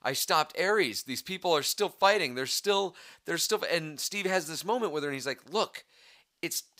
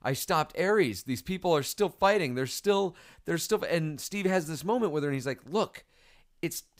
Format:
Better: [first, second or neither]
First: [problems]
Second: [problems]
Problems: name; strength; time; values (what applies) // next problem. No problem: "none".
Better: second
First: thin; somewhat; fading below 600 Hz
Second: none